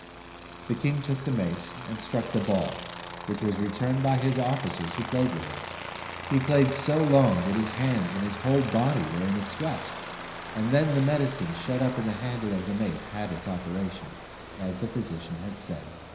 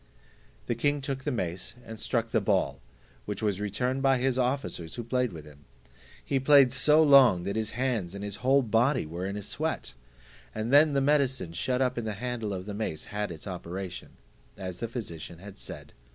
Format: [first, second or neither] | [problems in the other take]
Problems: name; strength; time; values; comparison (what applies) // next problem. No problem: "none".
second | background sound (Aircraft); 11 dB below the speech // room echo; dies away in 0.9 s